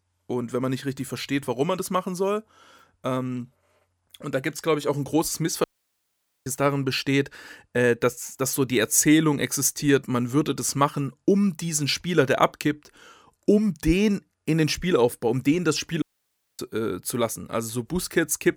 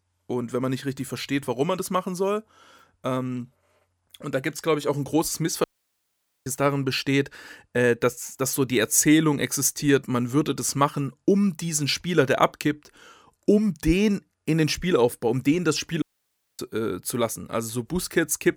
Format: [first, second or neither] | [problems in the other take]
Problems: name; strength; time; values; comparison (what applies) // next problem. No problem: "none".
neither | audio cutting out; at 5.5 s for 1 s and at 16 s for 0.5 s; the same in both